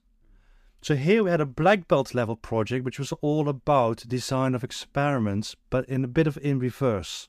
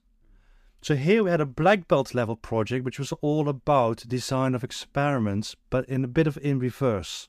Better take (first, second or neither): neither